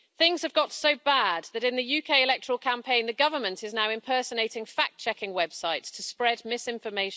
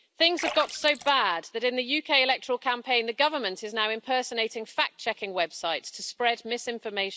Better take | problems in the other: first | background sound (Splash, splatter); 12 dB below the speech

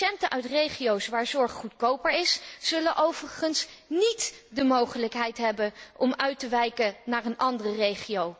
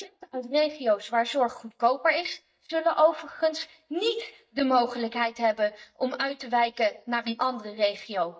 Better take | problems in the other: first | noise reduction (neural mask model DeepFilterNet 3)

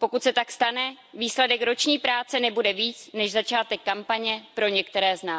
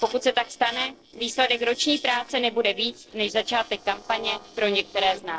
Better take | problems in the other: first | noise reduction (neural separator model SepFormer DNS4)

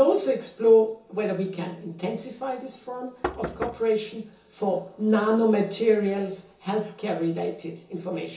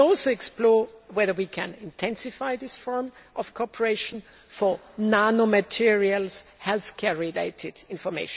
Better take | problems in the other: second | background sound (Knock); 10 dB below the speech // room echo; dies away in 0.7 s

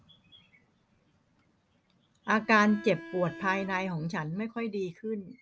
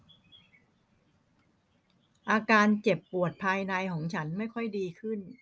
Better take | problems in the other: second | background sound (Bowed string instrument); 14 dB below the speech

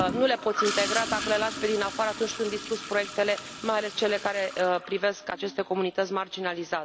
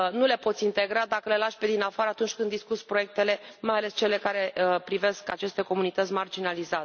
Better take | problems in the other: second | background sound (Toilet flush / Gurgling); 8 dB below the speech

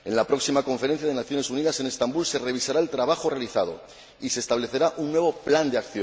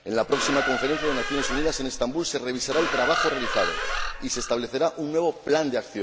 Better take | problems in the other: first | background sound (Bird vocalization, bird call, bird song + Squeak); 2 dB below the speech

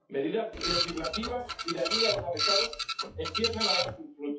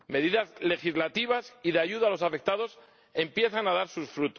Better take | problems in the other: second | noise reduction (classical method WPE with log-MMSE)

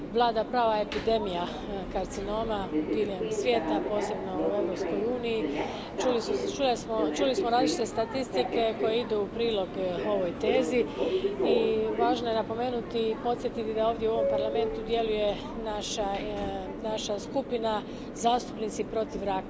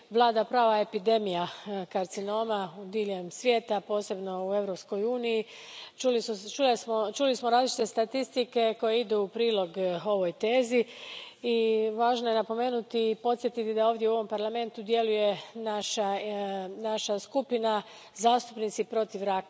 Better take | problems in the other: second | background sound (Subway, metro, underground); 3 dB below the speech

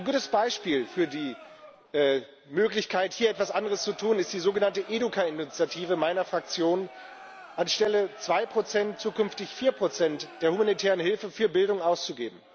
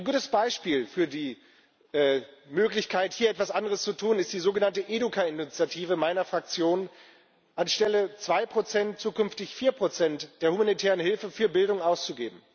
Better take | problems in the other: second | background sound (Crowd); 20 dB below the speech

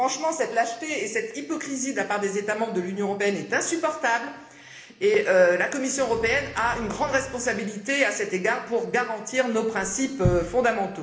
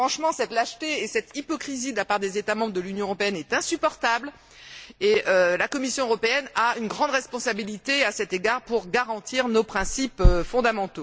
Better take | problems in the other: second | background sound (Accelerating, revving, vroom); 15 dB below the speech // room echo; dies away in 1 s

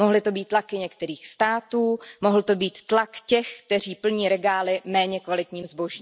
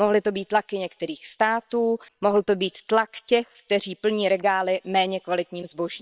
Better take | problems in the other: first | noise reduction (neural separator model SepFormer WHAM!)

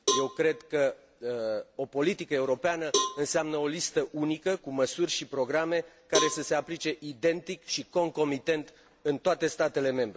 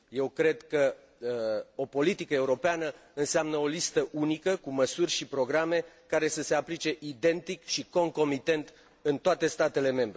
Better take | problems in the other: second | background sound (Cowbell); 6 dB below the speech

